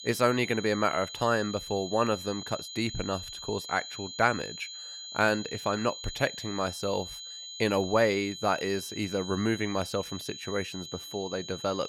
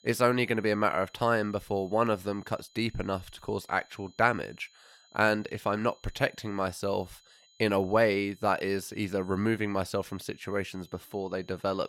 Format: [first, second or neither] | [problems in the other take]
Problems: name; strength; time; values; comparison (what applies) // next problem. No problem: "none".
second | high-pitched whine; loud; throughout; 4 kHz, 9 dB below the speech; faint in the second